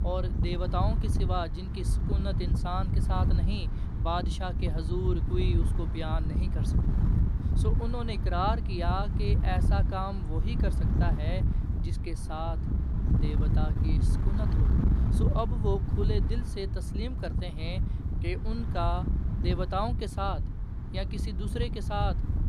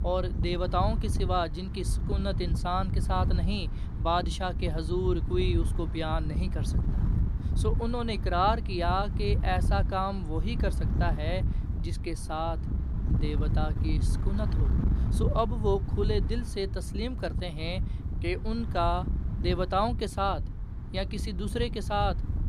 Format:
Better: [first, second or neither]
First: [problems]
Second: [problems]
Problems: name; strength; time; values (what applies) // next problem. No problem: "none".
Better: second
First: wind noise on the microphone; heavy; 7 dB below the speech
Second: wind noise on the microphone; occasional gusts; 15 dB below the speech